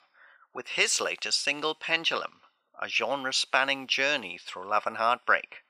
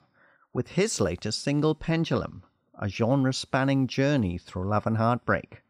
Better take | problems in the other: second | thin; very; fading below 800 Hz

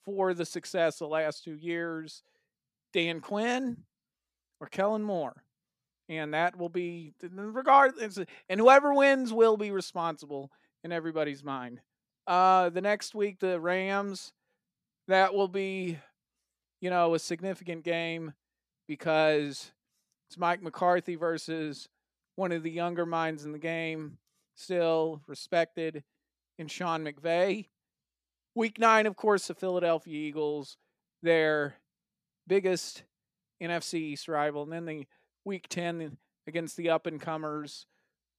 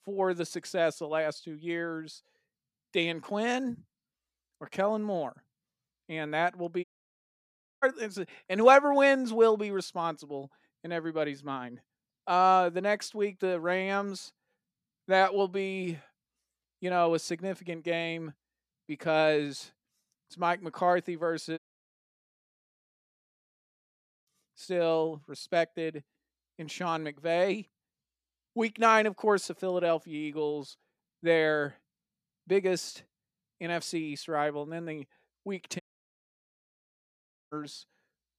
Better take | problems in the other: first | audio cutting out; at 7 s for 1 s, at 22 s for 2.5 s and at 36 s for 1.5 s

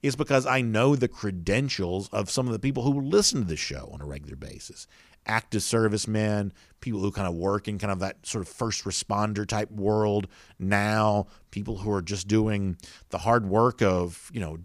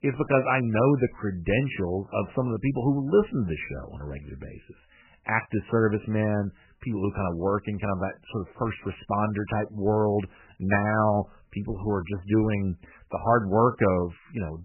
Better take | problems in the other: first | garbled, watery; badly; nothing above 3 kHz

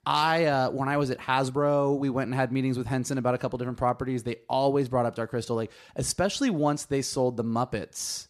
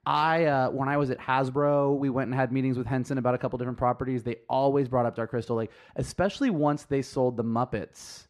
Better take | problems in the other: first | muffled; slightly; fading above 3.5 kHz

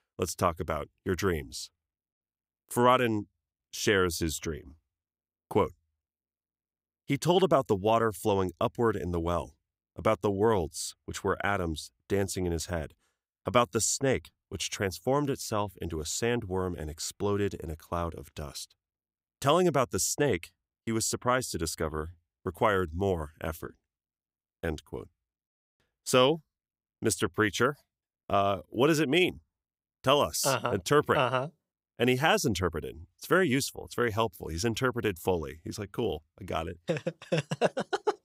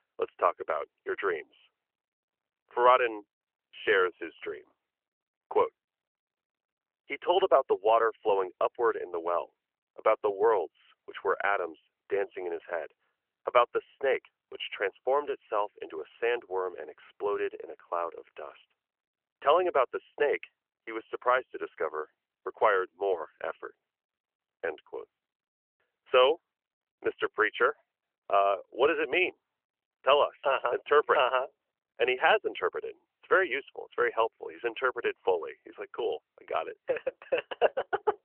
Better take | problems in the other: first | phone-call audio; nothing above 3 kHz

